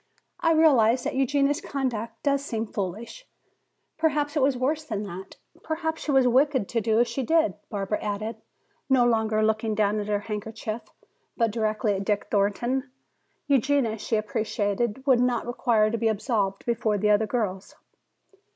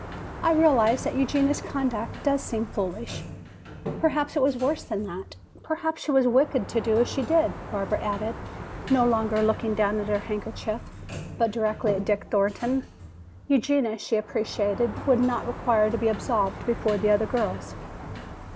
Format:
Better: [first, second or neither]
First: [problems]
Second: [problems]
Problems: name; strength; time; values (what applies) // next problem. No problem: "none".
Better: first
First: none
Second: background sound (Sliding door); 12 dB below the speech